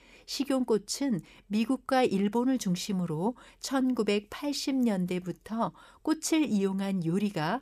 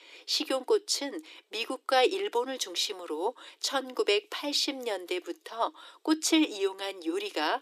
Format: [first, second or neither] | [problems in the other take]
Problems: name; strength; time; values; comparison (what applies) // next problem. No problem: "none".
first | thin; very; fading below 300 Hz